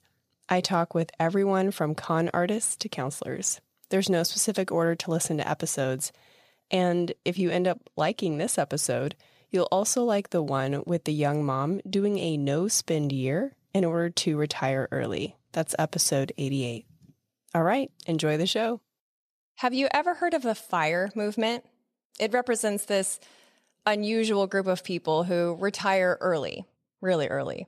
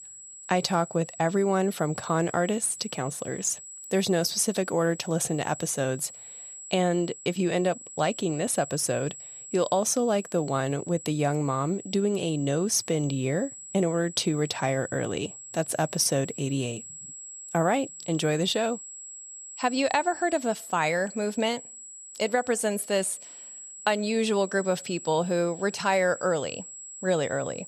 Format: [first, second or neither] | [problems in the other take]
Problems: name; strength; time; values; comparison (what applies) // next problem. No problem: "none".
first | high-pitched whine; noticeable; throughout; 7.5 kHz, 15 dB below the speech